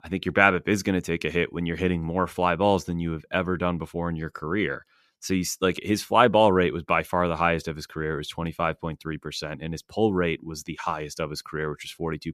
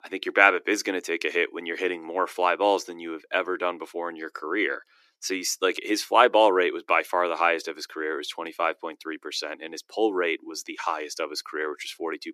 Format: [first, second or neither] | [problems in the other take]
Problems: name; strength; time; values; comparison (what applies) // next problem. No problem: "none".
first | thin; somewhat; fading below 300 Hz